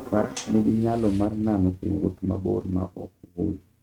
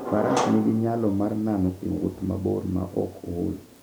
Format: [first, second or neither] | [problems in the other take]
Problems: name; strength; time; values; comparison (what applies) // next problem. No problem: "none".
second | noise reduction (neural mask model RNNoise)